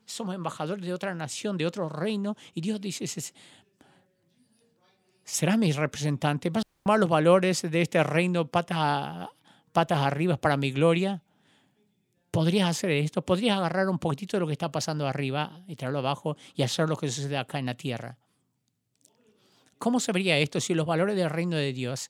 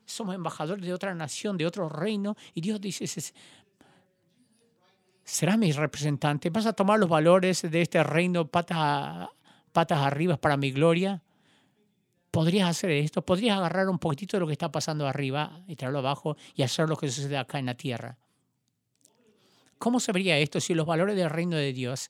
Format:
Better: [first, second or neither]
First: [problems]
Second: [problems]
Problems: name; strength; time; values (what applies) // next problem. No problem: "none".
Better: second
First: audio cutting out; at 6.5 s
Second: none